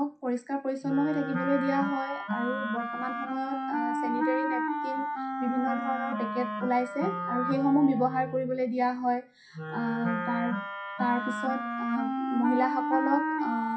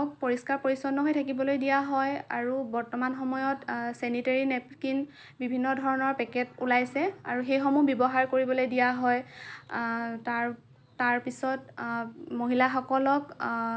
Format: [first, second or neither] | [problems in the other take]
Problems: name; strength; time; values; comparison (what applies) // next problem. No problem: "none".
second | noise reduction (classical method WPE with log-MMSE)